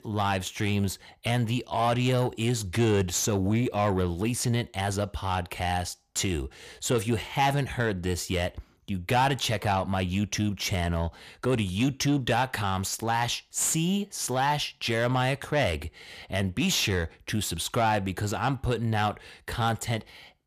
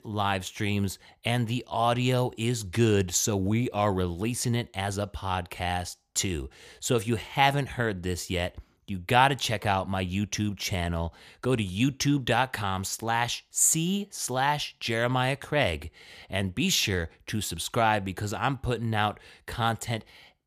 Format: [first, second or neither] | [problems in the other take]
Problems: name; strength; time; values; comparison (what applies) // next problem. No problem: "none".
second | distortion; slight; 10 dB below the speech